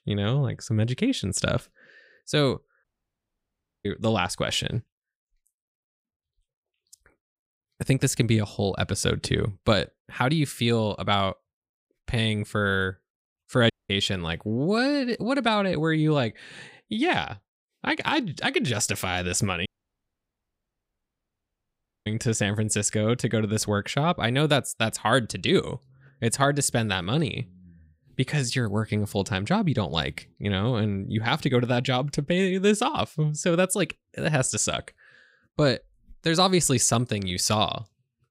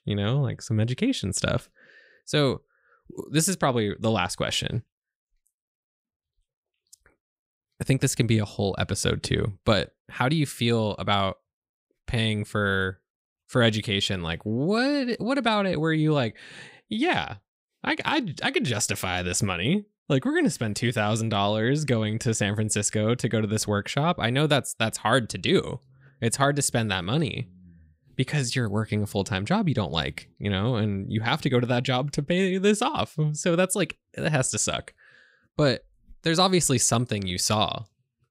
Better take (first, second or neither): second